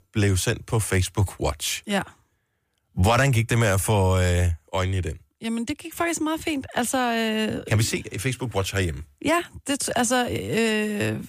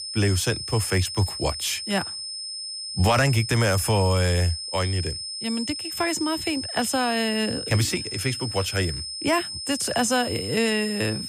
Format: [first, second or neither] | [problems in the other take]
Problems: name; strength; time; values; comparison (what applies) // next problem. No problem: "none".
first | high-pitched whine; loud; throughout; 5 kHz, 6 dB below the speech